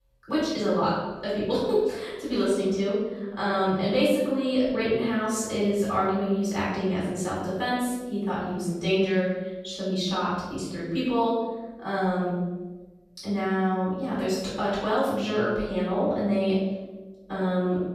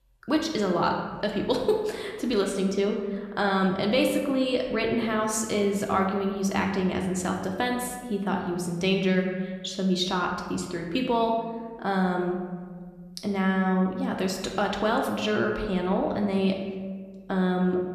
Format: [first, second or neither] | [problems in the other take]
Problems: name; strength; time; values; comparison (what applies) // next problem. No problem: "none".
second | room echo; strong; dies away in 1 s; slight in the second // off-mic speech; far; somewhat distant in the second